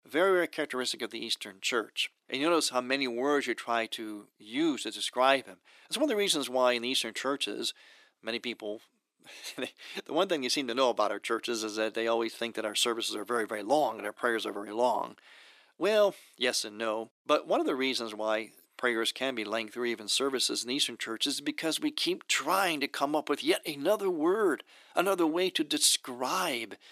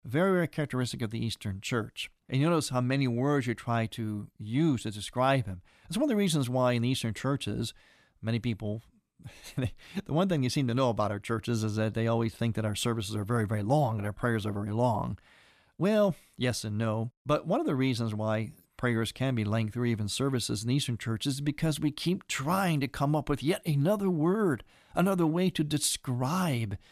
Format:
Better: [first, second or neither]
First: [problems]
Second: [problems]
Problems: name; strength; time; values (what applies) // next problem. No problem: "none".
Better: second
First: thin; somewhat; fading below 350 Hz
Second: none